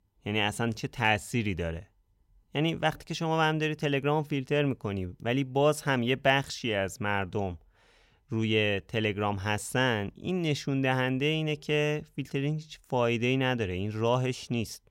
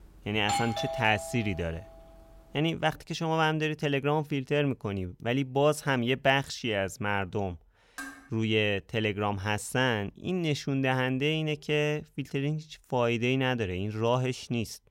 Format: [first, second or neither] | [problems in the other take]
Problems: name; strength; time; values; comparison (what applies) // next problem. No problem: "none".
first | doorbell; noticeable; until 1.5 s; peak 2 dB below the speech // clattering dishes; faint; at 8 s; peak 15 dB below the speech